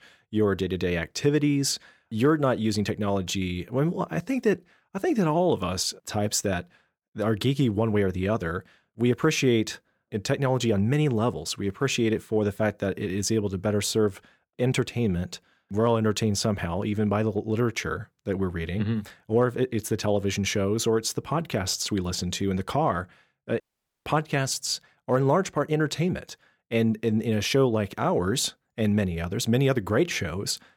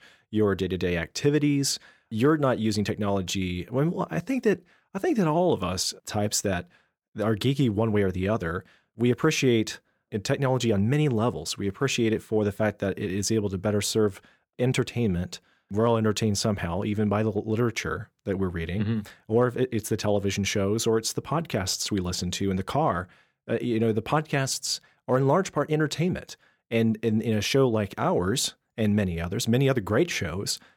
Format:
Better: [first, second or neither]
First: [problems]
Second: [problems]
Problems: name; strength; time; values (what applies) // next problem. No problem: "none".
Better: second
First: audio cutting out; at 24 s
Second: none